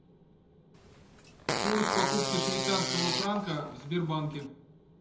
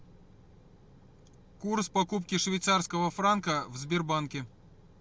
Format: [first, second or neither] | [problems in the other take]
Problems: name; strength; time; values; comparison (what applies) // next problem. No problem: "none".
second | background sound (Fart); as loud as the speech // room echo; dies away in 0.8 s